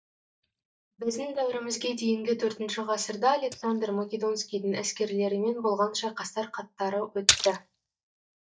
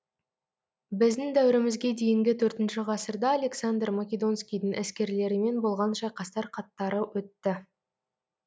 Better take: second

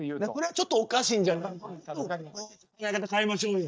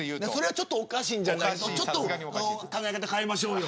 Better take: second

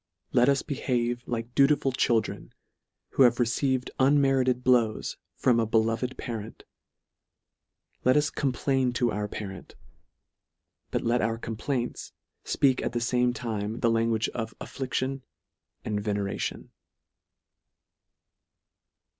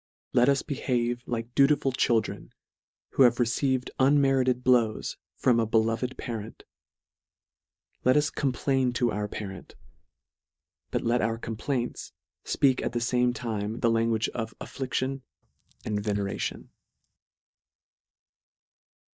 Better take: first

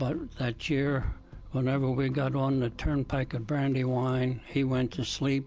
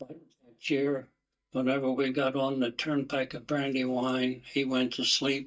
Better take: first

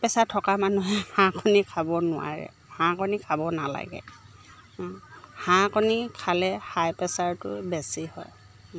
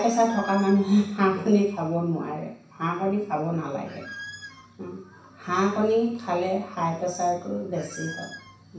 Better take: first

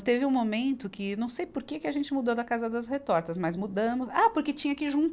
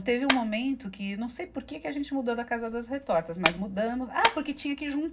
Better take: first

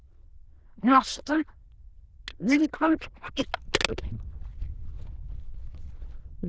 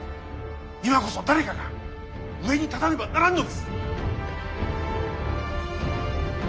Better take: second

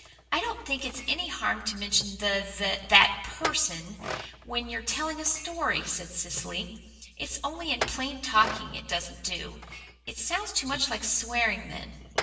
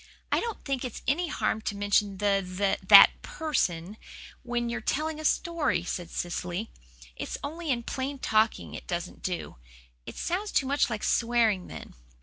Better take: second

